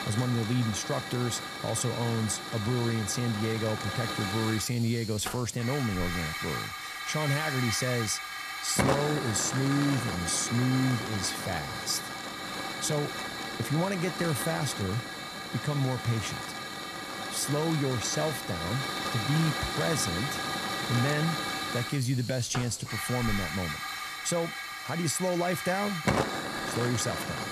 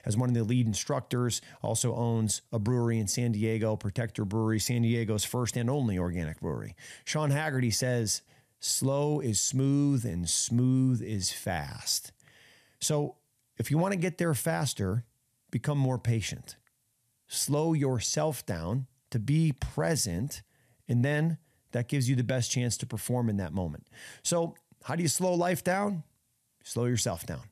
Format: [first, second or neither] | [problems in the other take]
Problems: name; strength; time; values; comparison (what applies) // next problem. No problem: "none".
second | hiss; loud; throughout; 3 dB below the speech